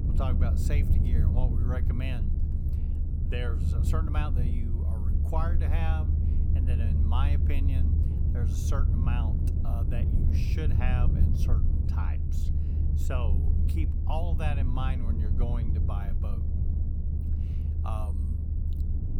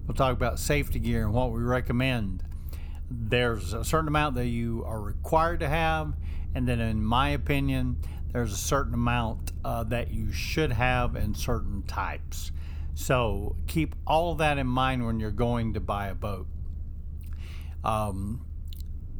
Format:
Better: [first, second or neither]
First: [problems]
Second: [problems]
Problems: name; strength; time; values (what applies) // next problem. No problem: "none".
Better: second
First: low rumble; loud; throughout; 3 dB below the speech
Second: low rumble; faint; throughout; 25 dB below the speech